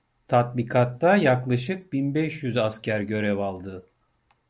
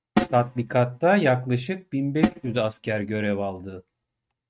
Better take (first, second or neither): first